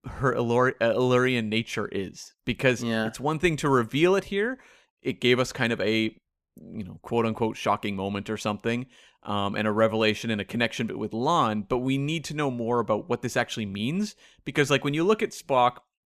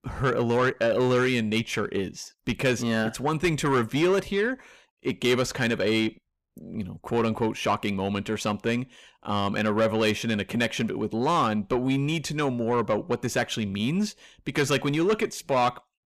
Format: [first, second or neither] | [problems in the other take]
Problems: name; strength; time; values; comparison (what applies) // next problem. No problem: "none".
first | distortion; slight; 10 dB below the speech